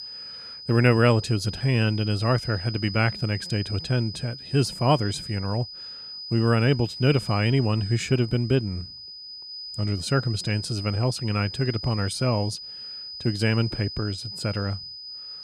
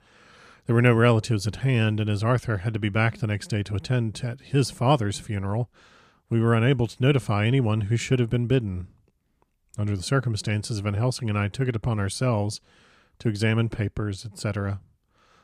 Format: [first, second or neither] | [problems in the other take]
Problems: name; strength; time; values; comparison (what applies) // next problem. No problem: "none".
second | high-pitched whine; noticeable; throughout; 5 kHz, 10 dB below the speech